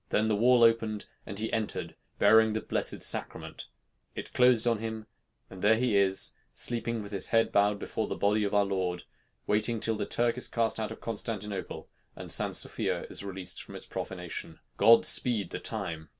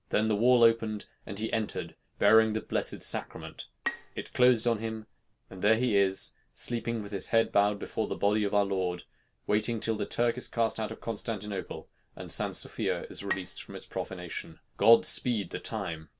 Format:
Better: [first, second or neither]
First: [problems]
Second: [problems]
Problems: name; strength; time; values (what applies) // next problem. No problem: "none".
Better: first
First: none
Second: background sound (Bowed string instrument); 13 dB below the speech